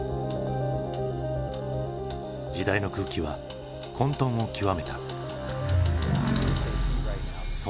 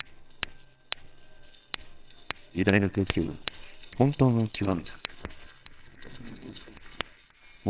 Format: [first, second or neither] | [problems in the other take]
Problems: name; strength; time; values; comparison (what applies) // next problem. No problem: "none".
first | noise reduction (neural separator model SepFormer WHAMR!)